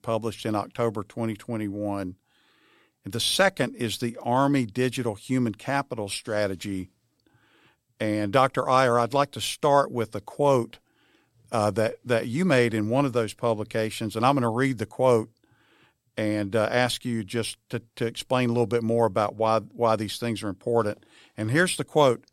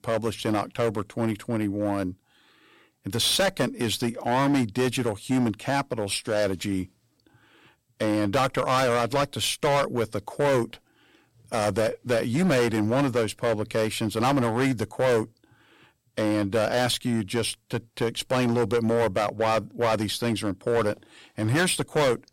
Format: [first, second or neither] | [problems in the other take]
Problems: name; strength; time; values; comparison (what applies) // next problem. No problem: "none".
first | distortion; heavy; 10% of the sound clipped